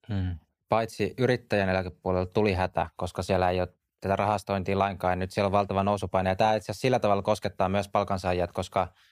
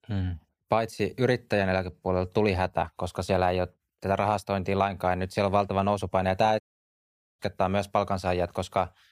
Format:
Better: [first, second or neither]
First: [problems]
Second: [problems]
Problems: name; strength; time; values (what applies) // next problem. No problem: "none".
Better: first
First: none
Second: audio cutting out; at 6.5 s for 1 s